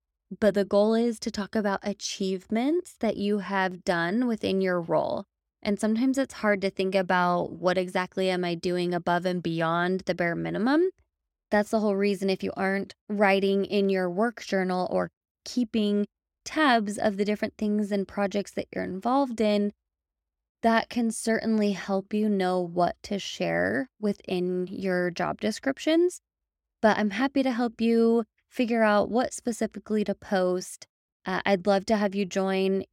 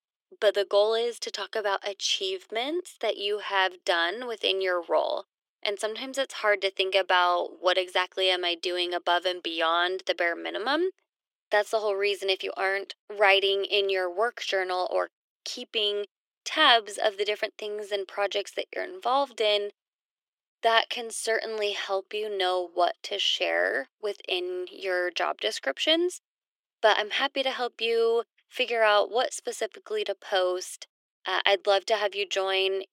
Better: first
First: none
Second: thin; very; fading below 350 Hz

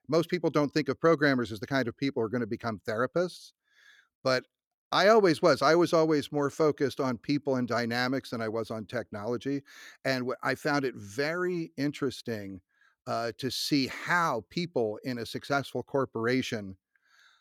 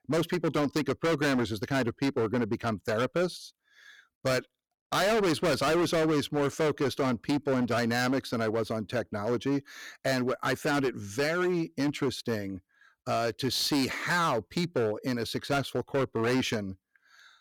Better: first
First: none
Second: distortion; heavy; 17% of the sound clipped

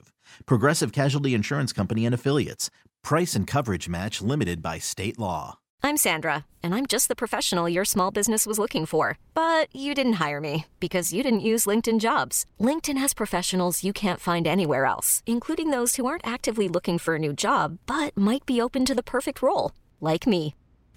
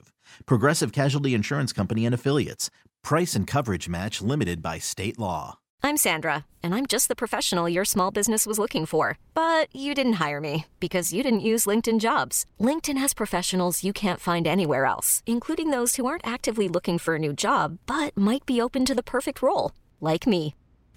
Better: neither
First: none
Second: none

